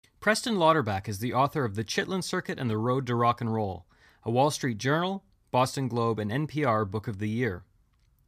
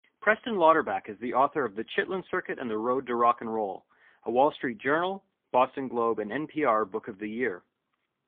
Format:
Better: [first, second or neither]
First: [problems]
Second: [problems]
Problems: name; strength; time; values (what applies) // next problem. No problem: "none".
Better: first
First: none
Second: phone-call audio; poor line; nothing above 3.5 kHz